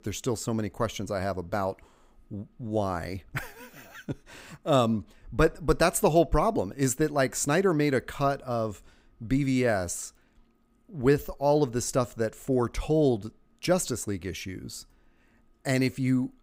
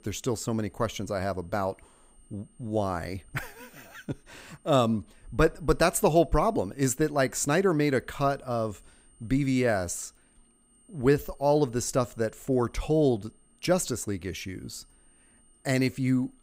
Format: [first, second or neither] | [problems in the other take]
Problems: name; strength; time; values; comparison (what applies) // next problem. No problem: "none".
first | high-pitched whine; faint; throughout; 8.5 kHz, 35 dB below the speech